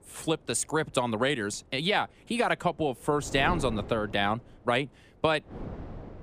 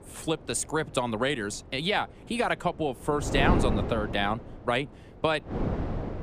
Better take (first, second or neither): first